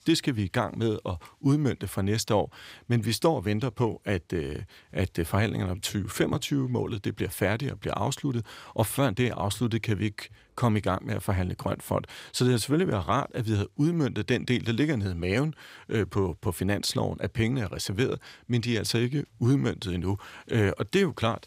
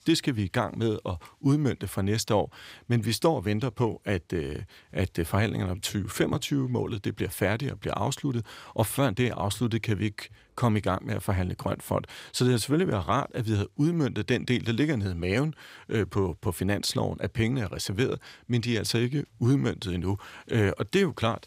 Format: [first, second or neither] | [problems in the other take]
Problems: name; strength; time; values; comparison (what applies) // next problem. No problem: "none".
neither | none